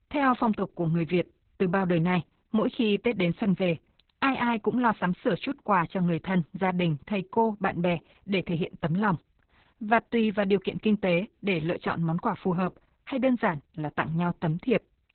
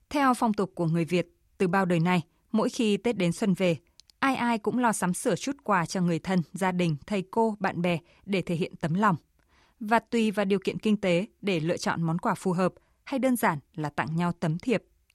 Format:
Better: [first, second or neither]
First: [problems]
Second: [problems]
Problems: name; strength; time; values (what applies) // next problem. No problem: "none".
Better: second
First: garbled, watery; badly; nothing above 4 kHz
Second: none